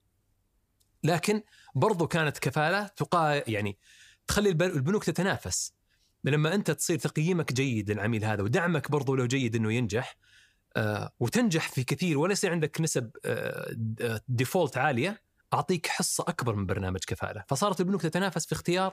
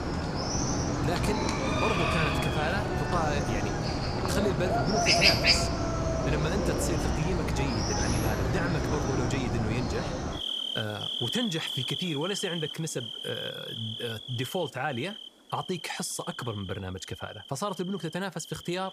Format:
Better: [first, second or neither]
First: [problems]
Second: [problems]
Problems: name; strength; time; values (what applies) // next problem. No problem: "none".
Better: first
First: none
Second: animal sounds; very loud; throughout; 4 dB above the speech